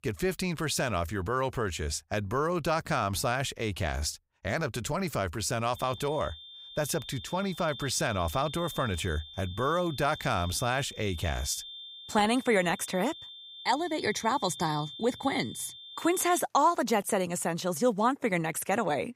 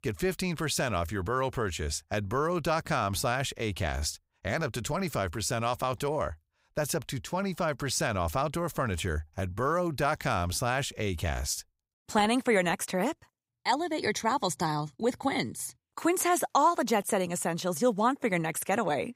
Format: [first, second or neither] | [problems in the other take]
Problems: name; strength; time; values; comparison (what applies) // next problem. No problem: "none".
second | high-pitched whine; noticeable; from 6 to 16 s; 3.5 kHz, 15 dB below the speech